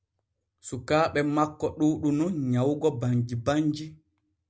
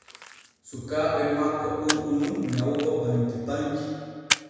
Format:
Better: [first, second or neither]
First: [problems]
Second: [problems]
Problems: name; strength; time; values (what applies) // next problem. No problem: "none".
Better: first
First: none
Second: background sound (Splash, splatter); 8 dB below the speech // room echo; dies away in 1.9 s